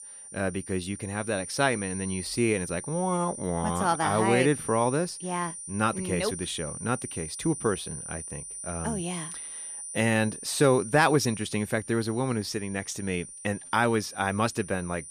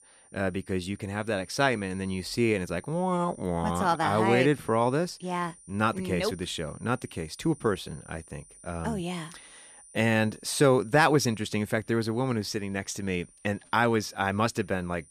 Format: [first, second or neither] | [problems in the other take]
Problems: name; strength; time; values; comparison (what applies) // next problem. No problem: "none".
second | high-pitched whine; loud; throughout; 9.5 kHz, 10 dB below the speech; faint in the second